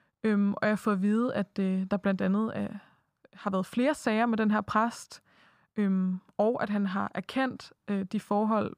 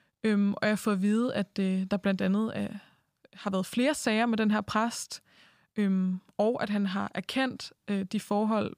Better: second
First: muffled; slightly; fading above 2 kHz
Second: none

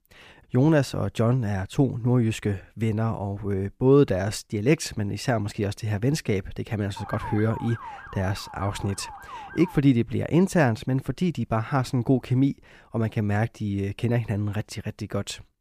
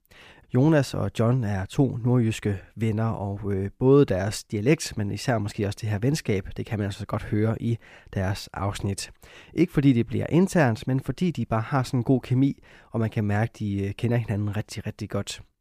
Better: second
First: siren; faint; from 7 to 10 s; peak 10 dB below the speech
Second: none

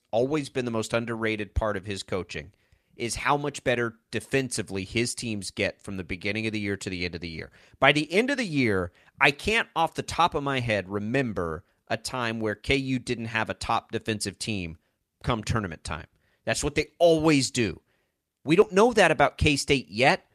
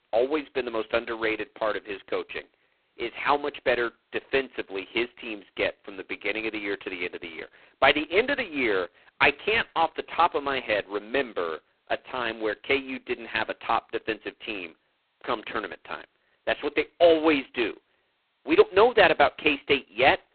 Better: first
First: none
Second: phone-call audio; poor line; nothing above 4 kHz

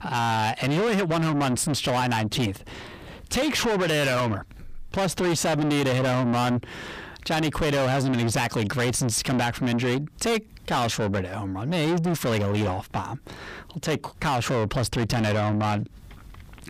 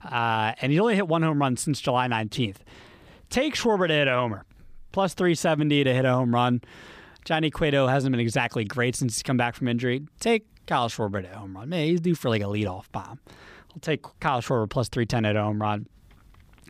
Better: second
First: distortion; heavy; 6 dB below the speech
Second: none

